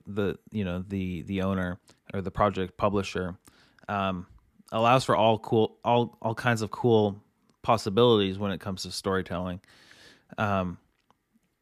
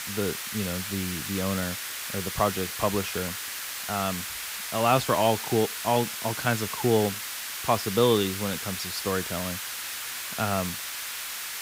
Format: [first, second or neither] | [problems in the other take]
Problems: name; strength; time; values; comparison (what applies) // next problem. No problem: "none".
first | hiss; loud; throughout; 4 dB below the speech